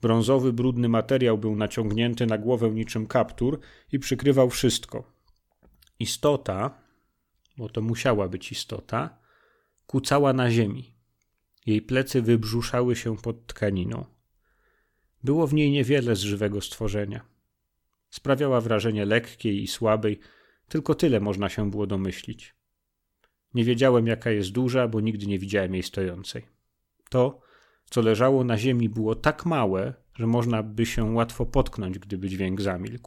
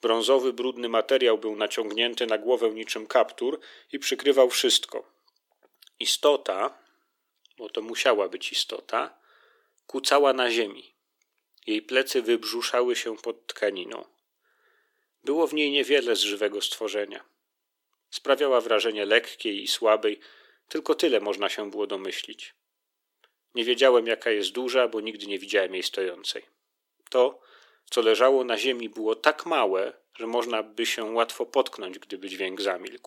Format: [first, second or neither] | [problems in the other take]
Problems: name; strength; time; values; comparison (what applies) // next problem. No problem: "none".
first | thin; very; fading below 350 Hz